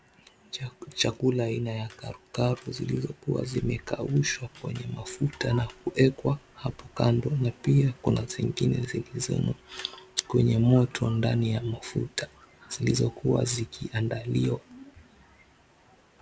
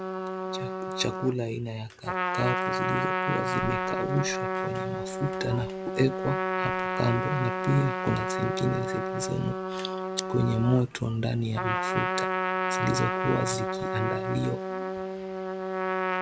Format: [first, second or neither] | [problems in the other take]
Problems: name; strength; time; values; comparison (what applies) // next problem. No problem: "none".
first | background sound (Trumpet); as loud as the speech